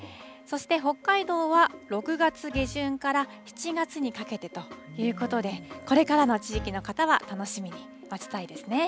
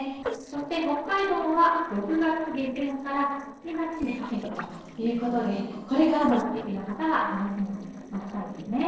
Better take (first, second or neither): first